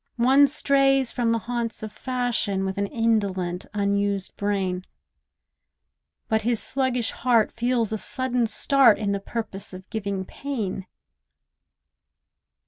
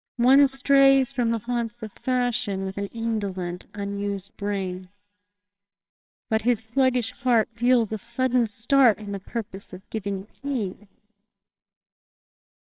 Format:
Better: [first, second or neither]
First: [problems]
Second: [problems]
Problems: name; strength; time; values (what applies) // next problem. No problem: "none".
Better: first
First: none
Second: noise reduction (neural separator model SepFormer WHAMR!)